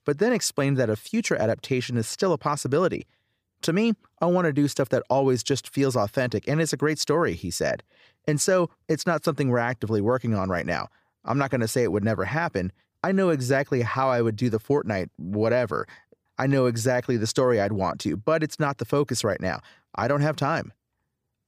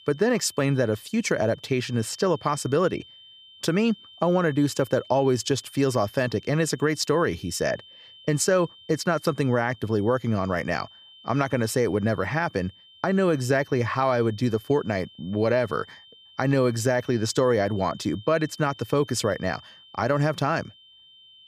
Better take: first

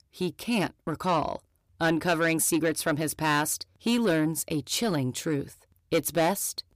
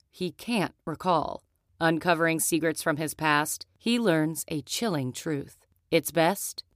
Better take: second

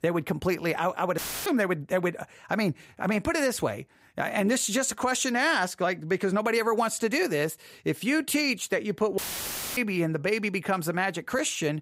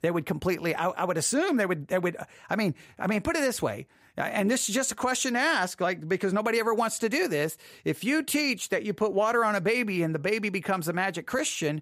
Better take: second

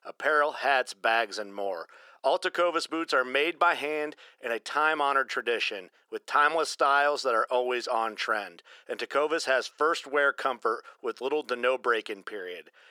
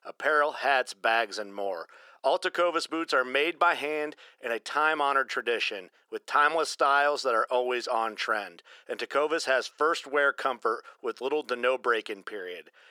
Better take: neither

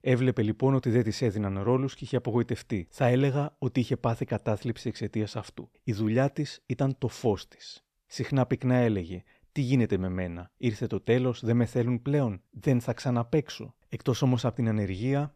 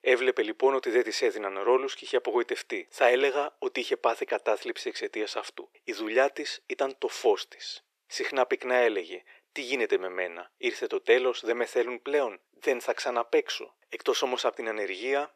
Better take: first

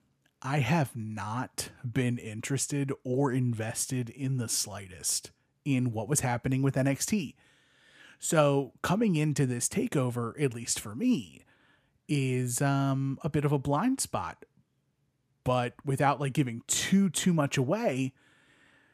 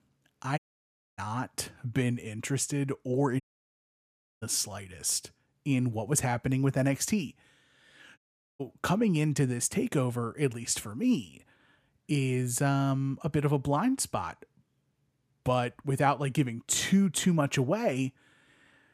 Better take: first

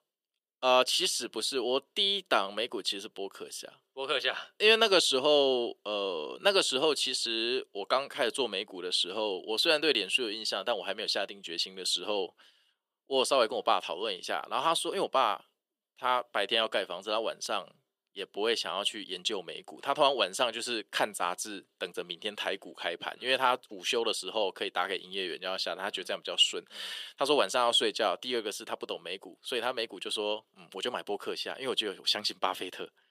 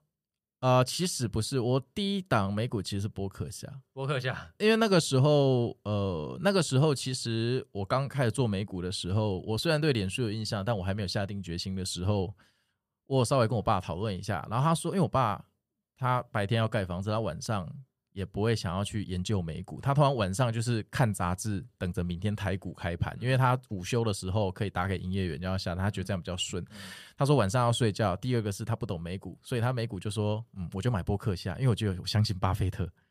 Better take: second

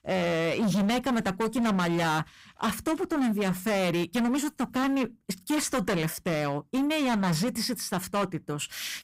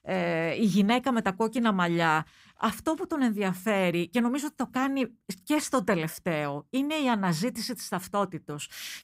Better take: second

